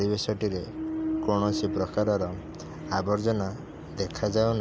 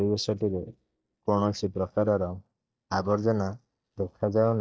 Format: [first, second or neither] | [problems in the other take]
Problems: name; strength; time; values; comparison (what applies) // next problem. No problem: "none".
first | noise reduction (neural mask model DeepFilterNet 3)